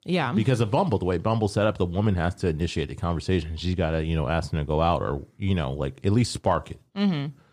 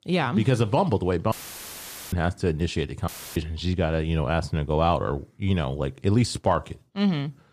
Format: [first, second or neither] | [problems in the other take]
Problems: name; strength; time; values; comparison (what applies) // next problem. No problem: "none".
first | audio cutting out; filled with static; at 1.5 s for 1 s and at 3 s